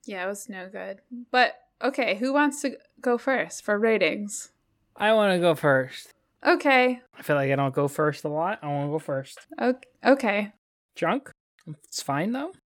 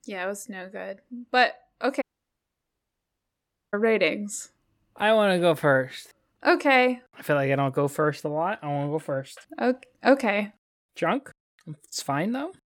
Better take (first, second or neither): first